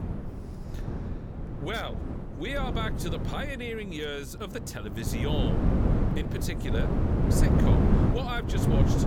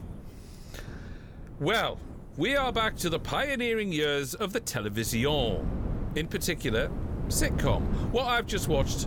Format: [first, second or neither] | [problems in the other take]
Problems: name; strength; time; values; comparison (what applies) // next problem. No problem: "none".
second | wind noise on the microphone; heavy; as loud as the speech; occasional gusts in the second